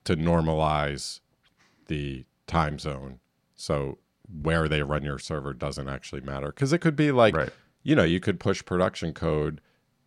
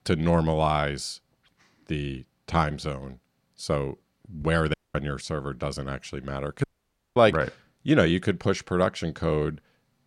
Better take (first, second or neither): first